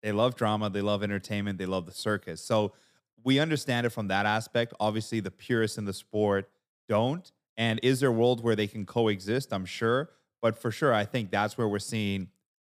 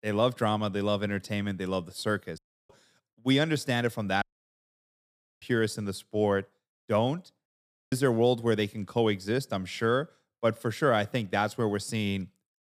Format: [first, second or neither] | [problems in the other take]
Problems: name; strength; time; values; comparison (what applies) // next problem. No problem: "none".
first | audio cutting out; at 2.5 s, at 4 s for 1 s and at 7.5 s